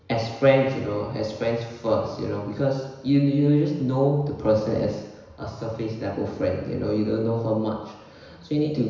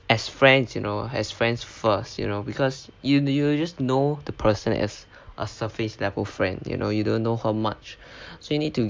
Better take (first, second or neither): second